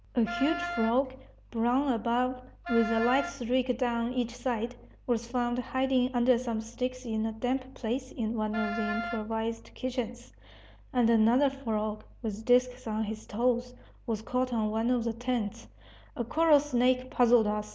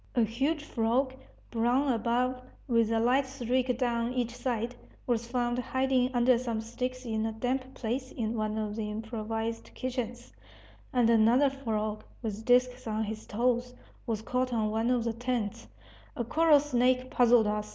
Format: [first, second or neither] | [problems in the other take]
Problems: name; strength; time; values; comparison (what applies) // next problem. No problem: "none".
second | background sound (Wind instrument, woodwind instrument); 8 dB below the speech